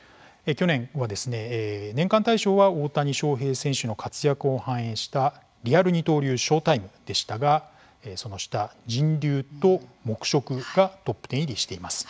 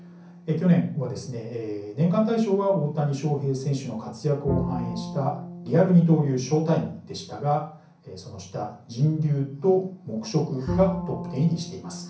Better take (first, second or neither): first